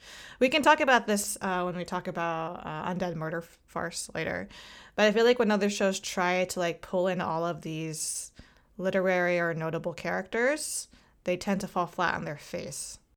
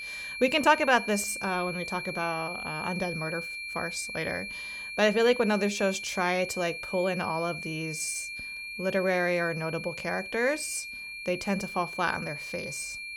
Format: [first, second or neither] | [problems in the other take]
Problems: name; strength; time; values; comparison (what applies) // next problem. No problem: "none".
first | high-pitched whine; loud; throughout; 2.5 kHz, 7 dB below the speech